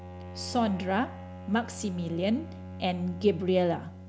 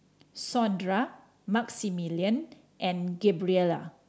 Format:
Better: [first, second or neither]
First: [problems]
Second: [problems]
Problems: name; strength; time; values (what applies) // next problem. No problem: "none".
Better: second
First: background sound (Bowed string instrument); 11 dB below the speech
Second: none